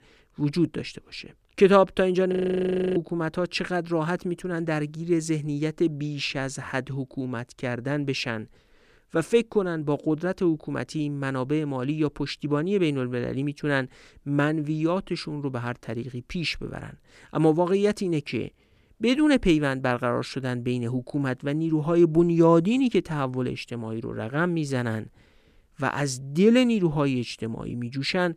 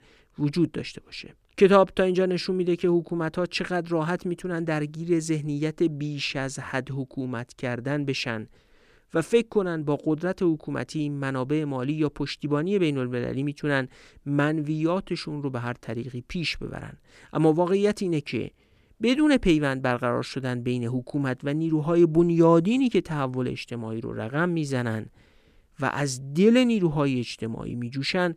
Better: second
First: audio freezing; at 2.5 s for 0.5 s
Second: none

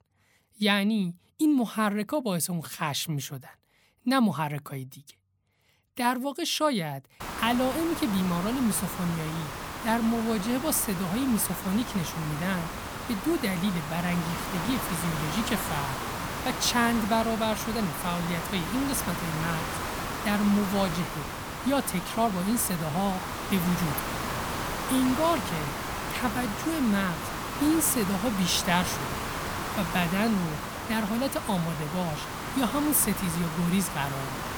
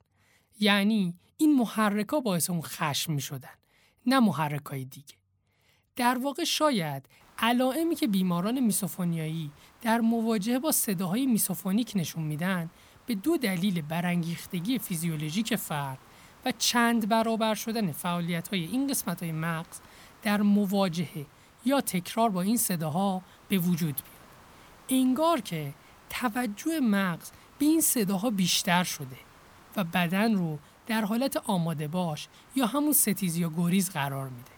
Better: second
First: hiss; loud; from 7 s on; 5 dB below the speech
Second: hiss; faint; from 7 s on; 30 dB below the speech

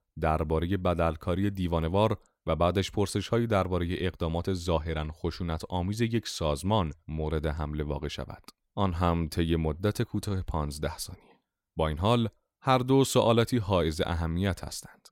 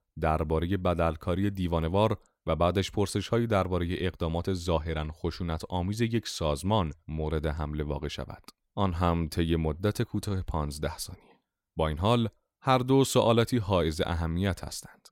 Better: neither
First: none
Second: none

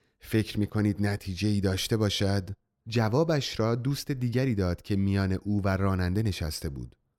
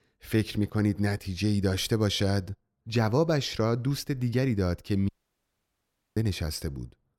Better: first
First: none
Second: audio cutting out; at 5 s for 1 s

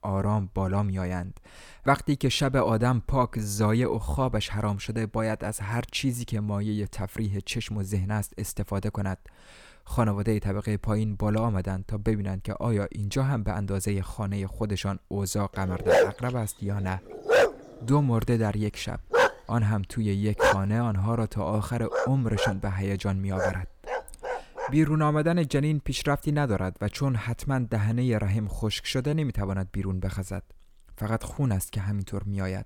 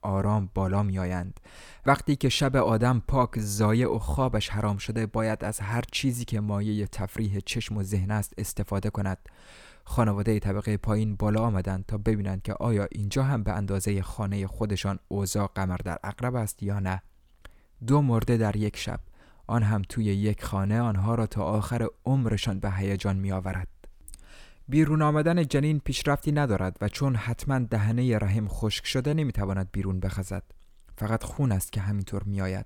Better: second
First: dog barking; loud; from 16 to 25 s; peak 6 dB above the speech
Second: none

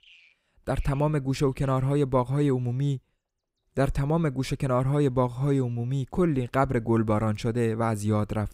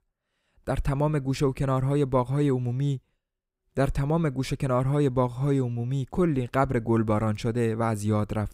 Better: second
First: animal sounds; faint; throughout; 30 dB below the speech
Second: none

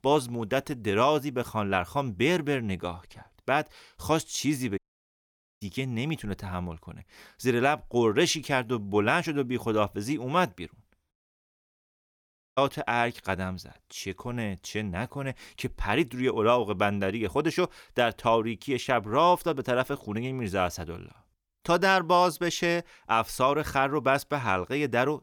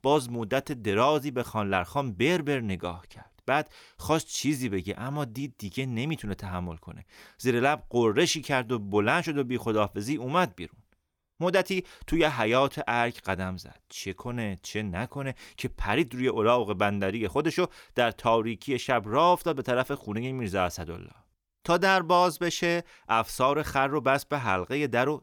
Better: second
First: audio cutting out; at 5 s for 1 s and at 11 s for 1.5 s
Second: none

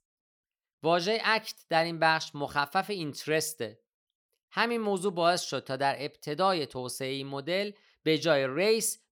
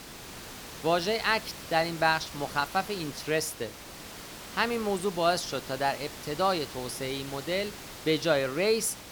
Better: first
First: none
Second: hiss; noticeable; throughout; 10 dB below the speech

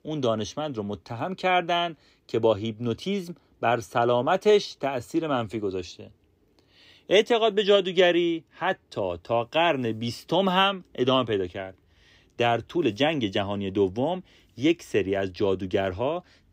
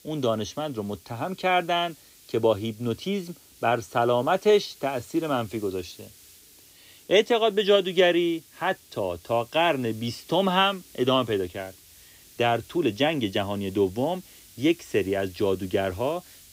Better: first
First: none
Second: hiss; faint; throughout; 25 dB below the speech

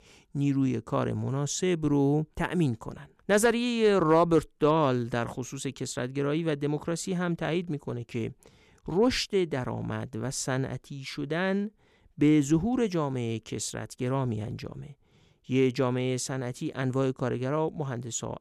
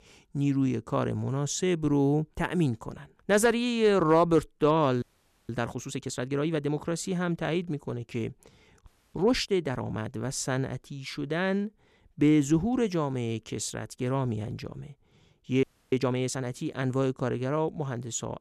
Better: first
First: none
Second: audio freezing; at 5 s, at 9 s and at 16 s

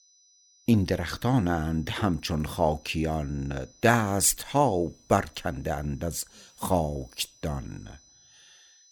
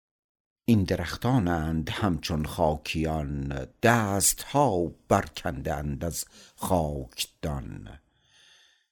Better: second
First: high-pitched whine; faint; throughout; 6 kHz, 30 dB below the speech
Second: none

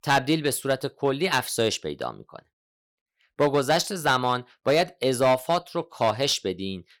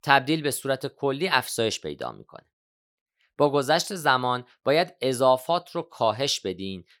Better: second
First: distortion; slight; 4% of the sound clipped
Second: none

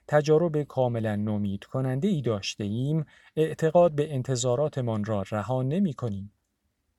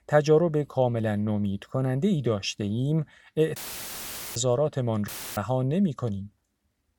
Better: first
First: none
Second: audio cutting out; filled with static; at 3.5 s for 1 s and at 5 s

